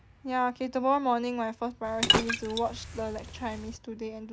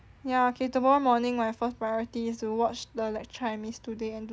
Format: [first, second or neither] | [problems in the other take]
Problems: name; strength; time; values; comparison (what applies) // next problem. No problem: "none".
second | background sound (Liquid); as loud as the speech